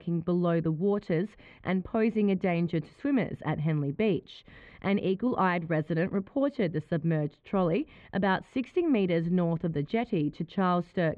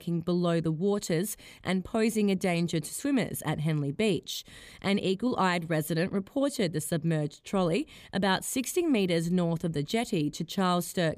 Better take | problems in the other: second | muffled; very; fading above 2.5 kHz

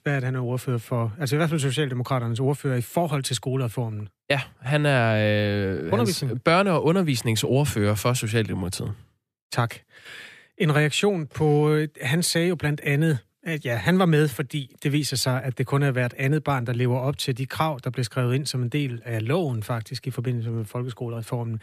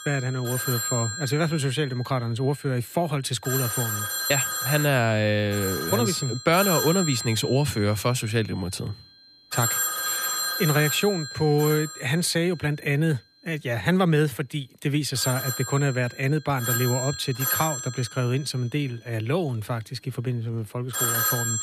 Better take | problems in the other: first | alarms or sirens; loud; throughout; 2 dB below the speech

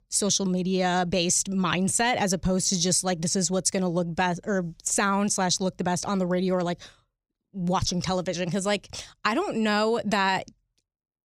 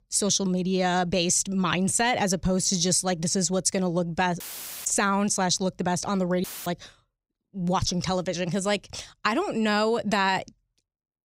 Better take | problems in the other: first | audio cutting out; filled with static; at 4.5 s and at 6.5 s

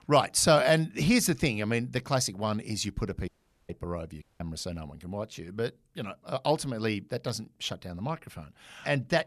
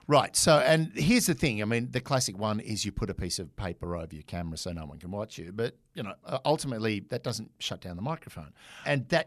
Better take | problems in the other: second | audio cutting out; at 3.5 s and at 4 s

